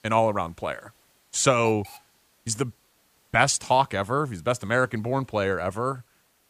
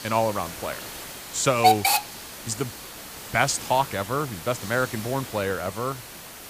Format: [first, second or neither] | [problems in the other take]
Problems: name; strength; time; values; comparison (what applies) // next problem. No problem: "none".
first | hiss; loud; throughout; 3 dB below the speech; faint in the first